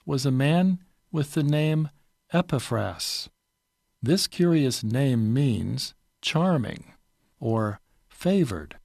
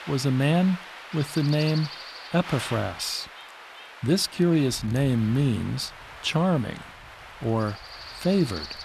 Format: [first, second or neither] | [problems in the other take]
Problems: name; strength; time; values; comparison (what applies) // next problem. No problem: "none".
first | wind noise on the microphone; heavy; 9 dB below the speech